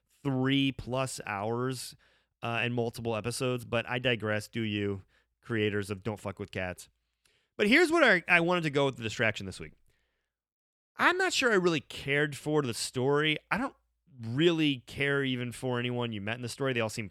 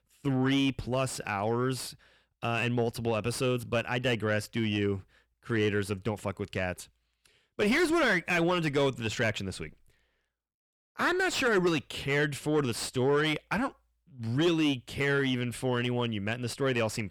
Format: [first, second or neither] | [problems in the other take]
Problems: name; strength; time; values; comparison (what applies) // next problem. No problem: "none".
first | distortion; heavy; 8 dB below the speech